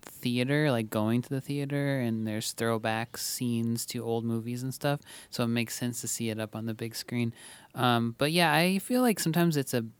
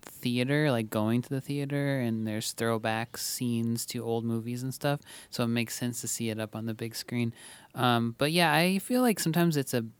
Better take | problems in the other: neither | none

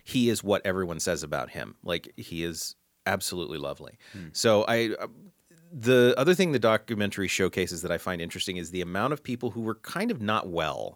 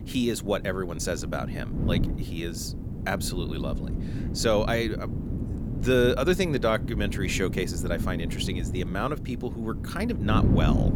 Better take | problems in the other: first | wind noise on the microphone; heavy; 10 dB below the speech

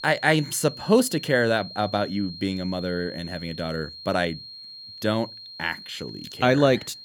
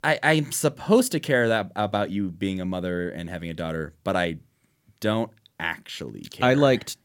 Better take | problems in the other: second | high-pitched whine; noticeable; throughout; 4 kHz, 15 dB below the speech

